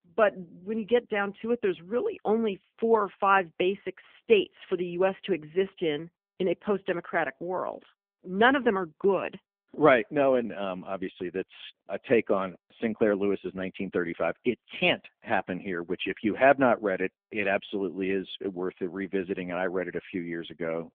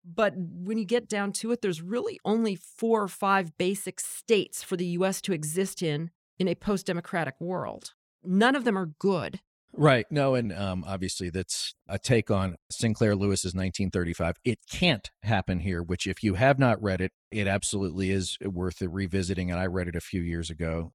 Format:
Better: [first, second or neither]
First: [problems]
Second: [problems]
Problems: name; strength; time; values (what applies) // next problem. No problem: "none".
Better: second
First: phone-call audio; nothing above 3.5 kHz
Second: none